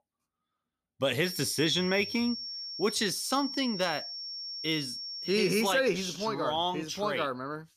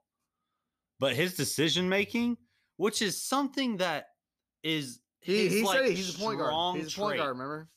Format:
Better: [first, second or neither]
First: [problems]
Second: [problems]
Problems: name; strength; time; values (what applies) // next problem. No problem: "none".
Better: second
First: high-pitched whine; loud; from 1 to 5.5 s; 5.5 kHz, 7 dB below the speech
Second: none